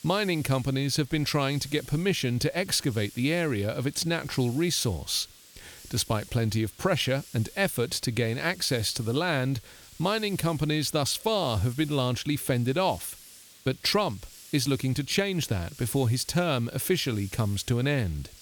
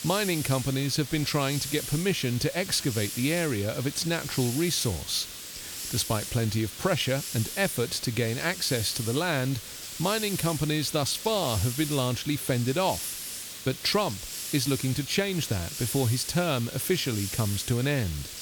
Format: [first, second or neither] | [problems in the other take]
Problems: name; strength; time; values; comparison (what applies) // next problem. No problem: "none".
first | hiss; loud; throughout; 7 dB below the speech; faint in the first